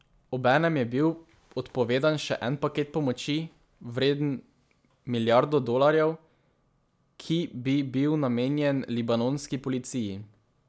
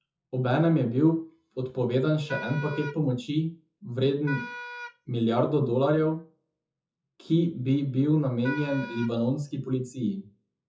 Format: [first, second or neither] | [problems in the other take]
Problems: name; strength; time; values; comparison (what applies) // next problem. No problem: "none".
first | noise reduction (classical method WPE with log-MMSE)